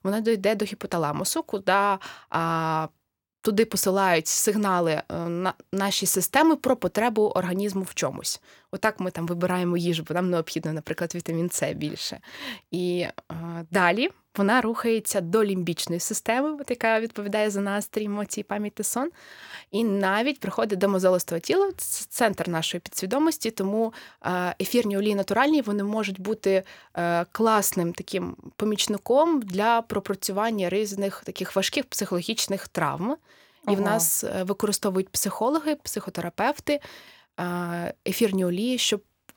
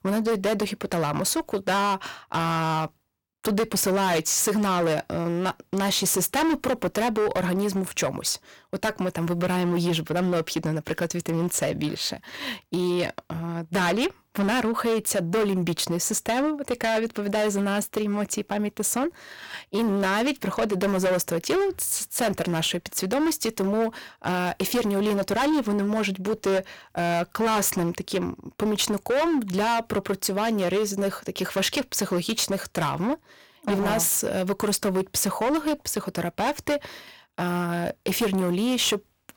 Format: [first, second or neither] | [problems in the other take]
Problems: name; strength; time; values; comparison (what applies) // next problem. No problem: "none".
first | distortion; heavy; 16% of the sound clipped